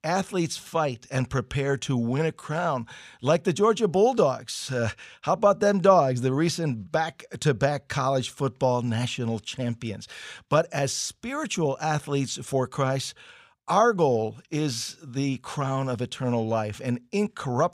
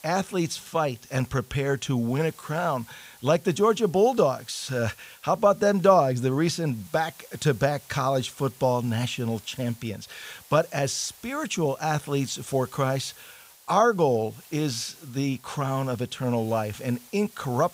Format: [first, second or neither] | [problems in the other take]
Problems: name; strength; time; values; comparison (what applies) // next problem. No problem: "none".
first | hiss; faint; throughout; 25 dB below the speech